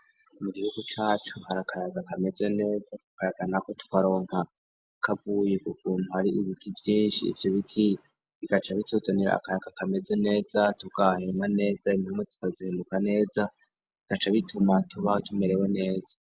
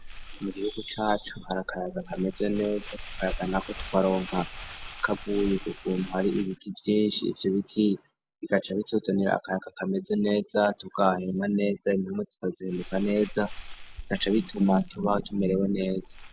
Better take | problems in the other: first | background sound (Crumpling, crinkling); 15 dB below the speech

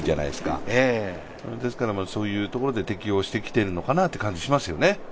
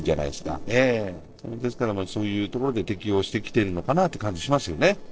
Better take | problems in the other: first | noise reduction (neural separator model SepFormer DNS4)

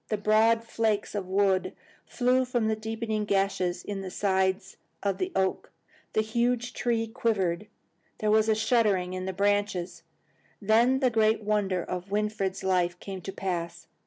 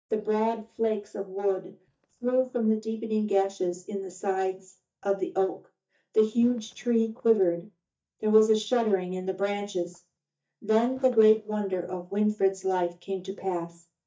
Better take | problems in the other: first | noise reduction (neural mask model DeepFilterNet 3)

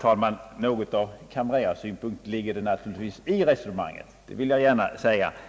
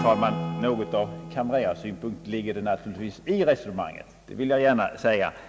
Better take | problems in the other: first | background sound (Acoustic guitar / Strum); 11 dB below the speech

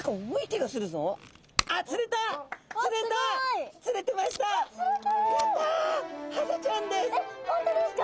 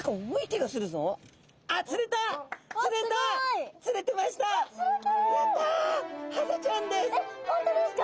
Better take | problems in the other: second | background sound (Packing tape, duct tape); 15 dB below the speech

